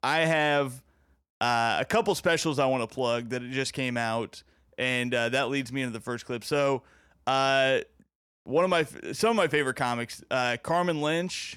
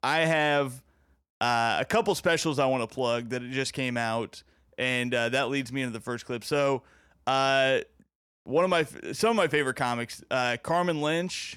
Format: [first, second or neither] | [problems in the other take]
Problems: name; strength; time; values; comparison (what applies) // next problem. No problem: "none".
neither | none